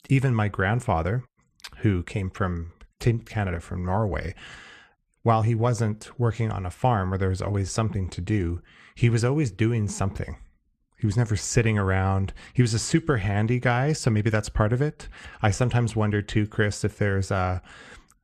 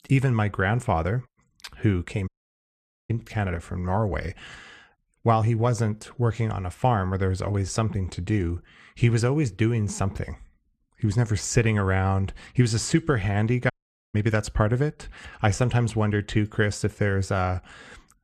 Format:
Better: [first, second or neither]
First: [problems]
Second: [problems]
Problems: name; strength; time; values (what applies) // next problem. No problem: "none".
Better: first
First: none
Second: audio cutting out; at 2.5 s for 1 s and at 14 s